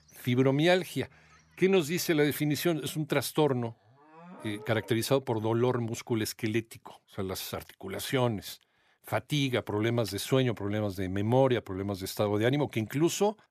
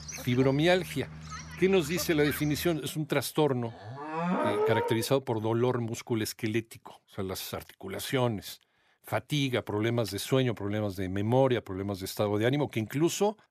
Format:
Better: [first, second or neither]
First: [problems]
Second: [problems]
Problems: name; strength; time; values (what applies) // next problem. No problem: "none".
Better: first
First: animal sounds; faint; until 5 s; 25 dB below the speech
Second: animal sounds; loud; until 5 s; 6 dB below the speech